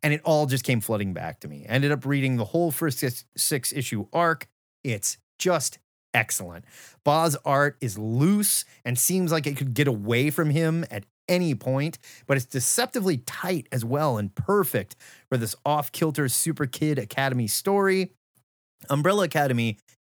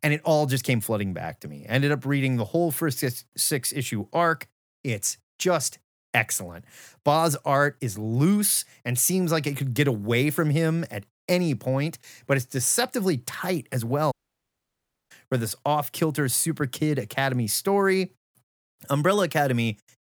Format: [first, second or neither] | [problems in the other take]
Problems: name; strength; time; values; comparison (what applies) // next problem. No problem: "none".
first | audio cutting out; at 14 s for 1 s